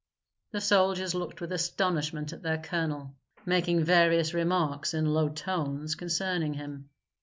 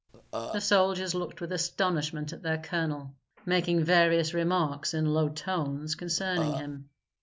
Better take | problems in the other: first | background sound (Burping, eructation); 8 dB below the speech

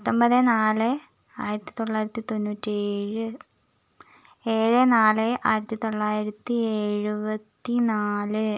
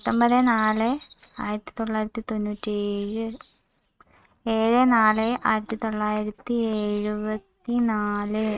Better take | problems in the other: first | noise reduction (neural mask model RNNoise)

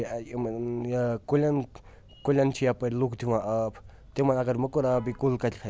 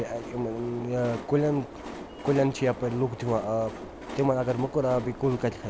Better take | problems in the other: first | background sound (Train); 12 dB below the speech

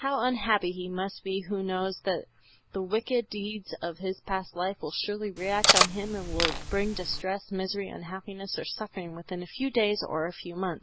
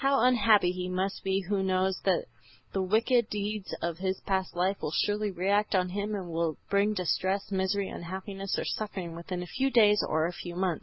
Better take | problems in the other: second | background sound (Cutlery, silverware); 4 dB above the speech

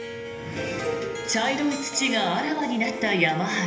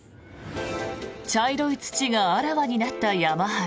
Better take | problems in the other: second | background sound (Harp); 10 dB below the speech // room echo; dies away in 0.8 s

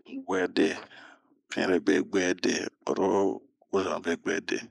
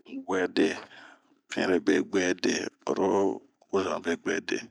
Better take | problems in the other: second | noise reduction (neural mask model Resemble Enhance denoiser)

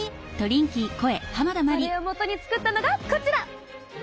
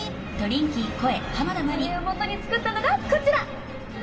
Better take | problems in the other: first | background sound (Truck); 9 dB below the speech // room echo; dies away in 1.7 s

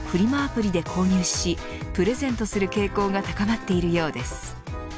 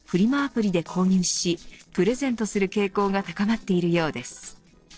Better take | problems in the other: first | noise reduction (neural separator model SepFormer DNS4)

